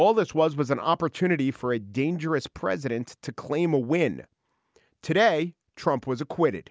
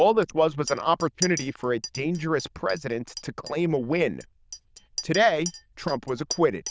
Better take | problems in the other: first | noise reduction (neural diffusion model UNIVERSE++)

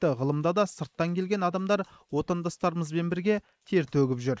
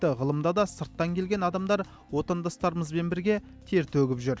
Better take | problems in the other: second | noise reduction (neural mask model Resemble Enhance denoiser)

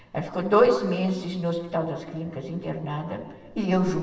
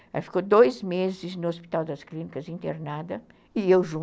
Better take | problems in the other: second | room echo; dies away in 1.3 s

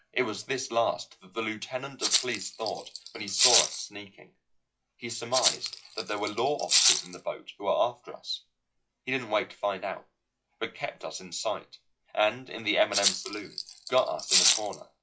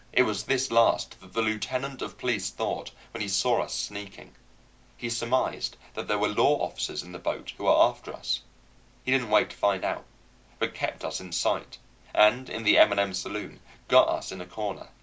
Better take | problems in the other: second | noise reduction (classical method log-MMSE)

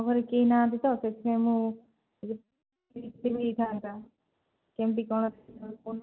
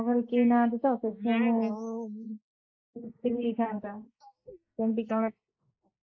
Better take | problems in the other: first | noise reduction (neural mask model Resemble Enhance denoiser)

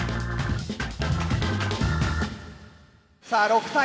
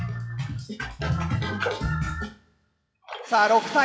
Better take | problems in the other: first | noise reduction (classical method log-MMSE)

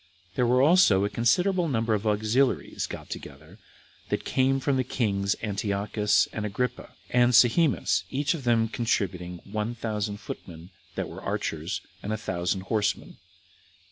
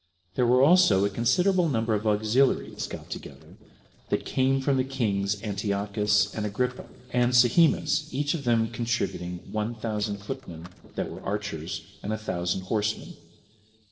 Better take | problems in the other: first | noise reduction (neural separator model SepFormer DNS4)

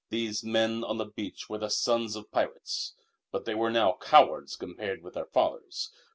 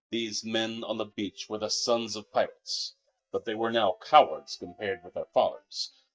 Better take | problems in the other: first | noise reduction (neural mask model DeepFilterNet 3)

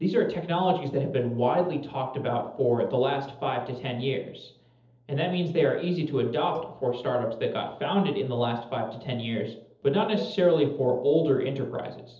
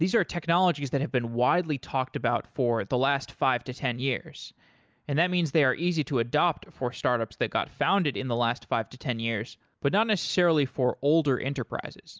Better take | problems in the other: second | noise reduction (neural separator model SepFormer DNS4)

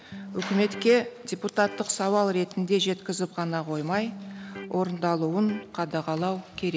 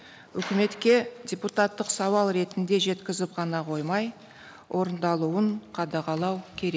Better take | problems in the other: second | background sound (Electric guitar); 15 dB below the speech

